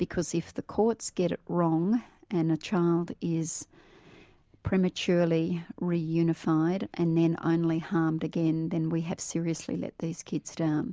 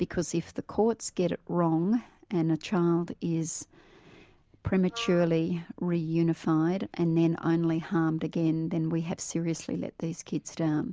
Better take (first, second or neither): first